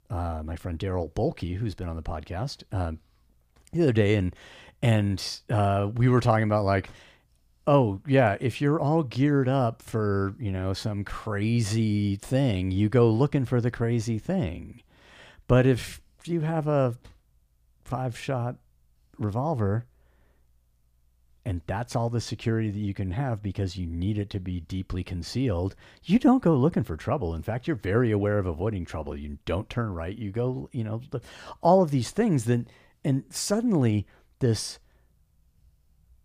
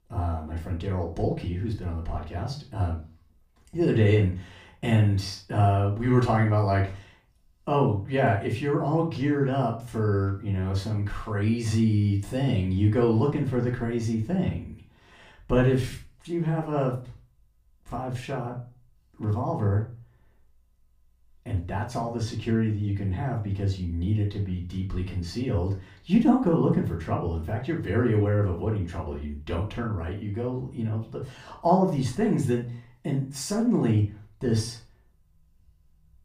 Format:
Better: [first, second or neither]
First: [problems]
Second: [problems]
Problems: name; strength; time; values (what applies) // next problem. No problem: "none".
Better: first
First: none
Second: off-mic speech; far // room echo; slight; dies away in 0.3 s